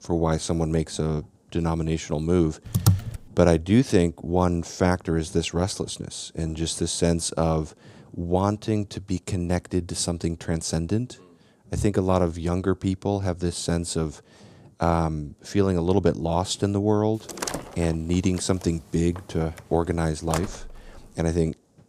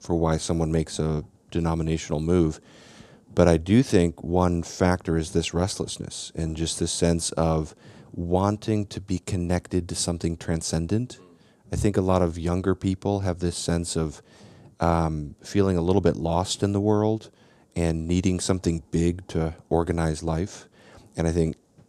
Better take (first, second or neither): second